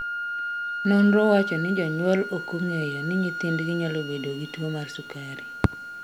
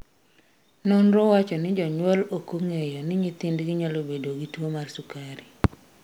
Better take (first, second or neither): second